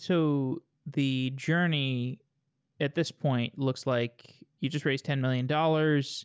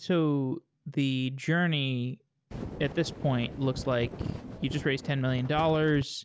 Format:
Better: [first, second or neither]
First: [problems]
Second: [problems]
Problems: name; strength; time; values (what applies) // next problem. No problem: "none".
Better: first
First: none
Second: background sound (Wind); 10 dB below the speech